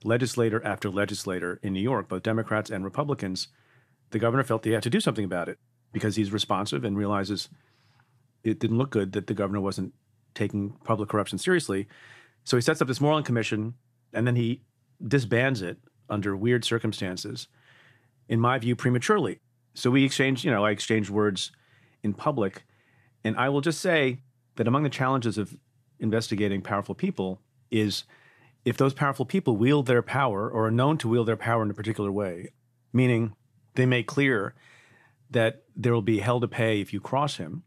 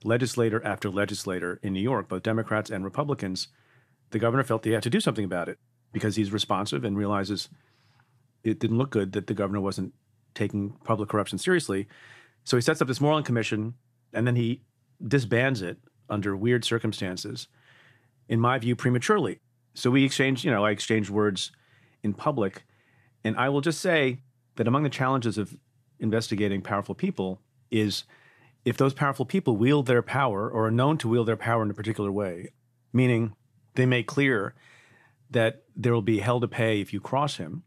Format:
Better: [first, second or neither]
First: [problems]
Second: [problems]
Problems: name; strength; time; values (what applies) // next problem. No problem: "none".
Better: neither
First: none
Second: none